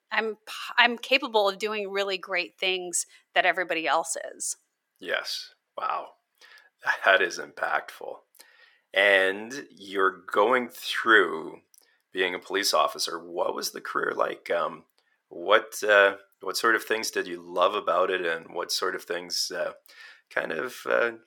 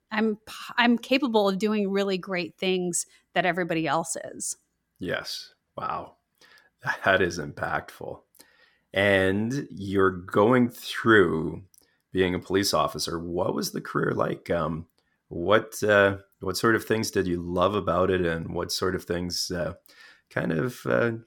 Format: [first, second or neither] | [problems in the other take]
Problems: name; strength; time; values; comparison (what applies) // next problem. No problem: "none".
second | thin; very; fading below 550 Hz